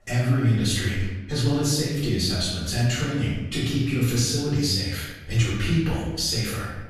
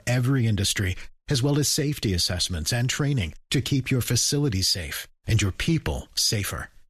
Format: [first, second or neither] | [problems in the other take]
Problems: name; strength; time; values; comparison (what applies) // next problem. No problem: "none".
second | off-mic speech; far // room echo; noticeable; dies away in 1 s